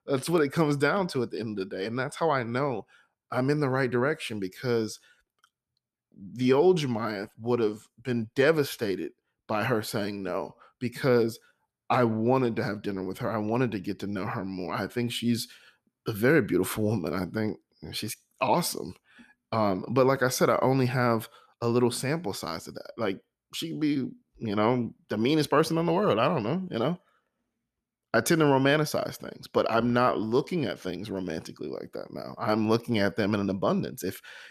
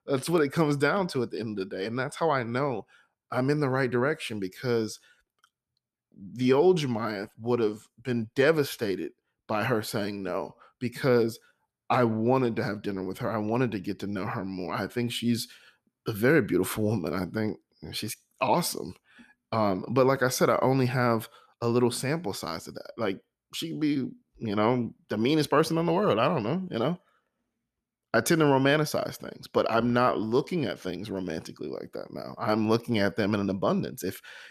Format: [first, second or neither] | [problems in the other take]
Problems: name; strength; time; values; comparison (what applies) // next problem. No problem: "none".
neither | none